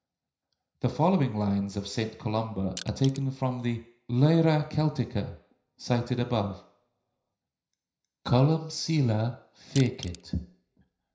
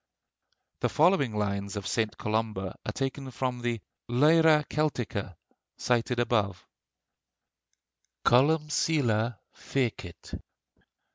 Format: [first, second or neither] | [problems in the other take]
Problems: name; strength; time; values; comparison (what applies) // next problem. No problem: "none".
second | background sound (Crushing); 16 dB below the speech // room echo; dies away in 0.5 s